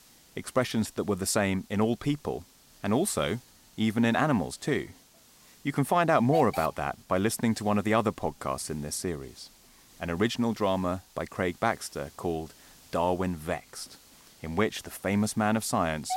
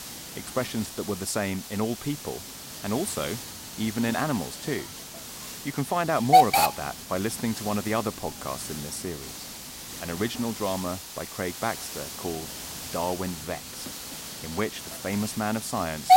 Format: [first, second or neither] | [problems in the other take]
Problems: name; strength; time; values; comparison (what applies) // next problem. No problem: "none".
first | hiss; loud; throughout; 1 dB below the speech; faint in the first